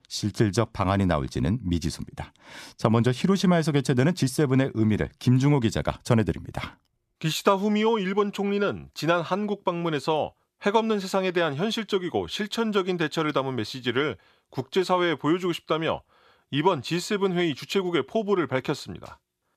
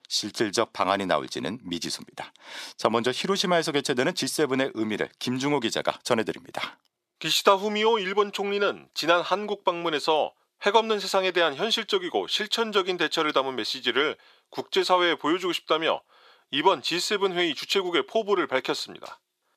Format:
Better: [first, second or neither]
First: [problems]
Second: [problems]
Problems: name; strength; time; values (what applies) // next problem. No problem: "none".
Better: first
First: none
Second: thin; somewhat; fading below 400 Hz